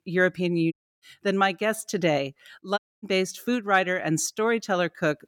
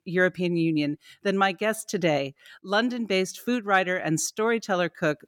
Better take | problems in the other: second | audio cutting out; at 0.5 s and at 3 s

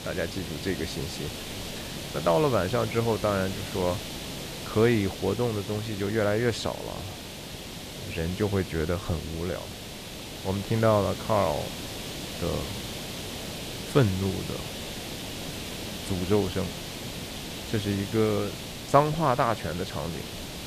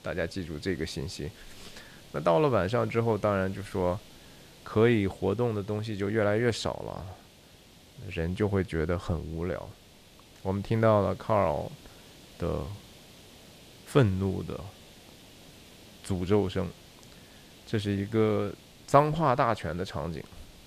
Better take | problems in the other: second | hiss; loud; throughout; 8 dB below the speech; faint in the second

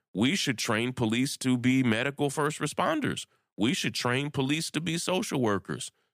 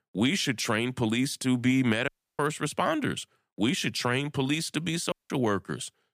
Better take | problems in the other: first | audio cutting out; at 2 s and at 5 s

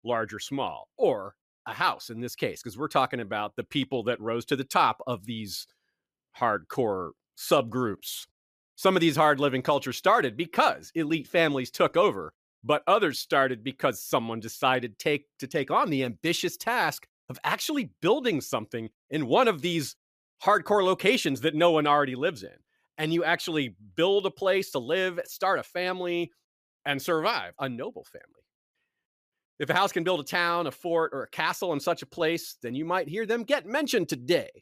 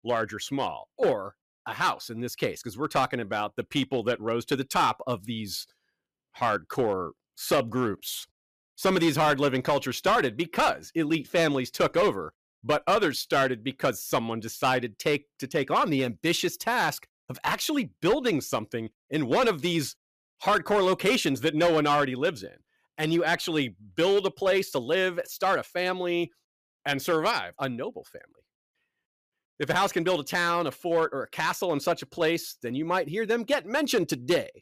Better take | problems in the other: first | distortion; slight; 4% of the sound clipped

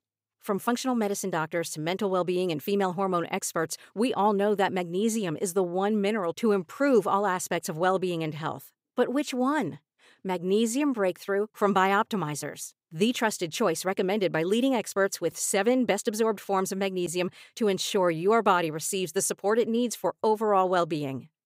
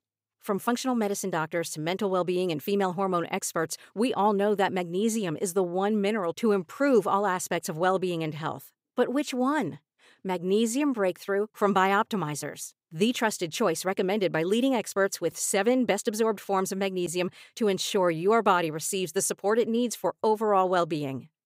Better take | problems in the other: neither | none

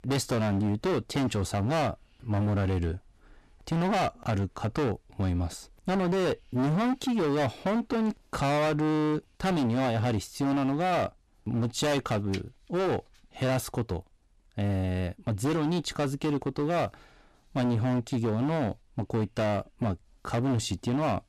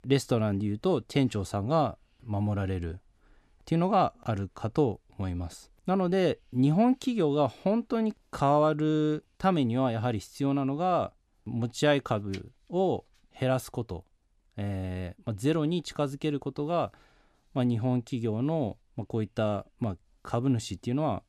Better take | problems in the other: second | distortion; heavy; 23% of the sound clipped

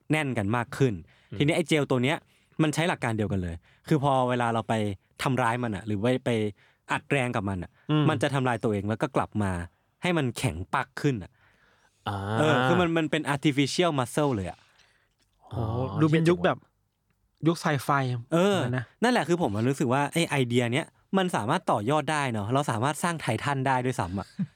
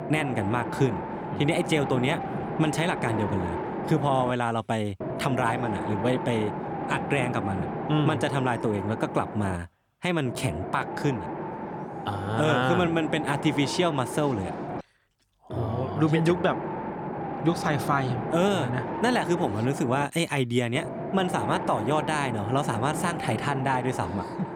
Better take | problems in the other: first | wind noise on the microphone; heavy; 5 dB below the speech

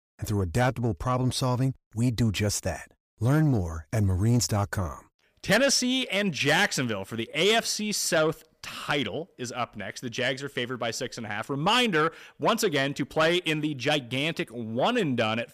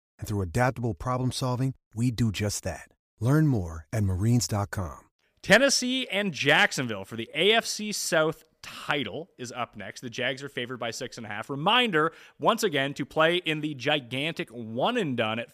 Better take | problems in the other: second | distortion; slight; 10 dB below the speech

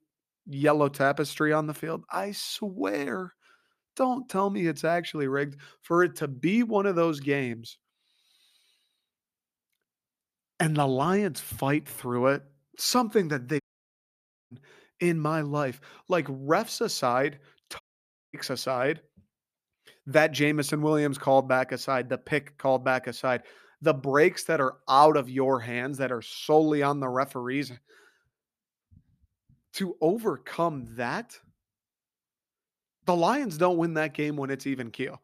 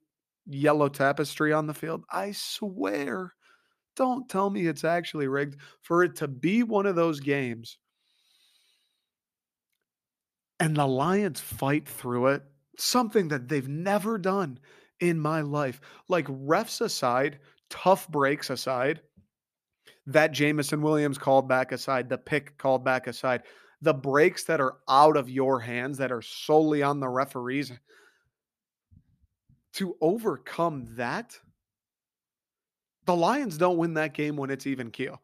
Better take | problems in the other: second | audio cutting out; at 14 s for 1 s and at 18 s for 0.5 s

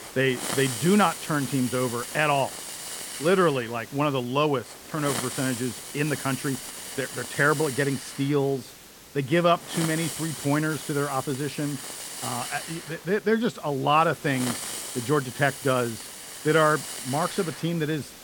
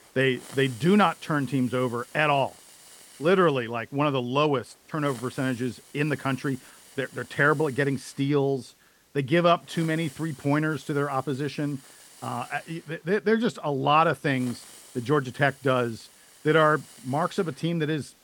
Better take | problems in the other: second | hiss; loud; throughout; 8 dB below the speech; faint in the second

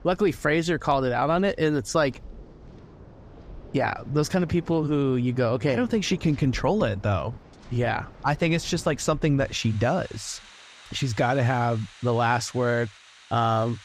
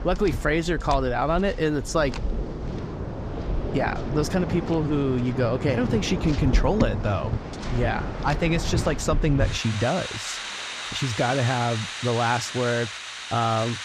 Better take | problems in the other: first | rain or running water; loud; throughout; 5 dB below the speech; faint in the first

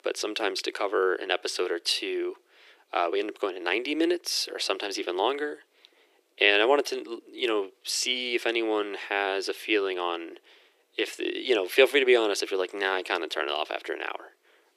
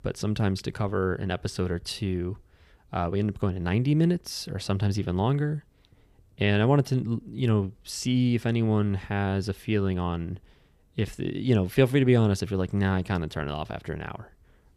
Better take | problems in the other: second | thin; very; fading below 350 Hz

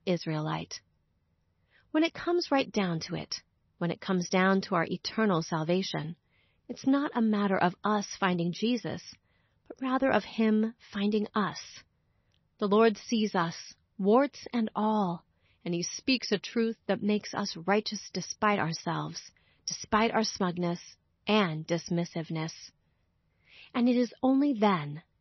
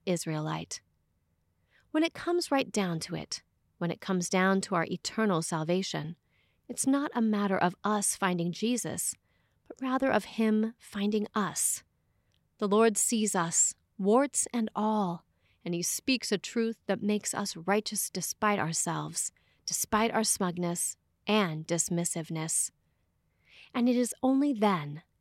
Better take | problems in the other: second | garbled, watery; slightly; nothing above 6 kHz

